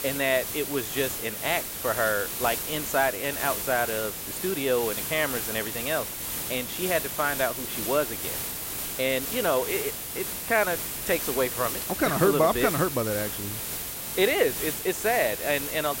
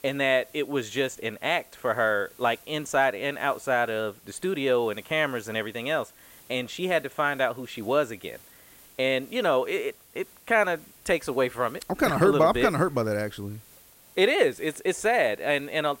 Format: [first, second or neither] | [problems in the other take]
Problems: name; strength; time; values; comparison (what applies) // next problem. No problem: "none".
second | hiss; loud; throughout; 3 dB below the speech; faint in the second